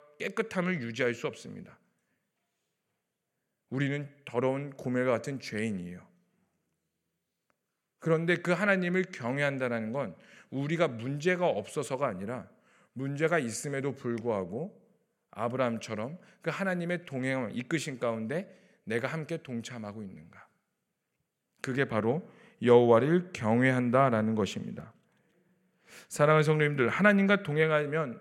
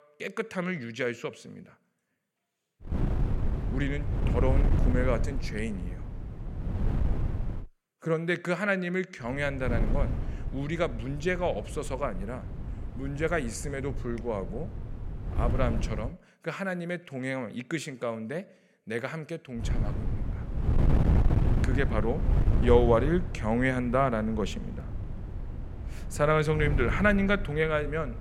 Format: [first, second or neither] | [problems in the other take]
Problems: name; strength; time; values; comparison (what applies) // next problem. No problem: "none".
first | wind noise on the microphone; occasional gusts; from 3 to 7.5 s, from 9.5 to 16 s and from 20 s on; 10 dB below the speech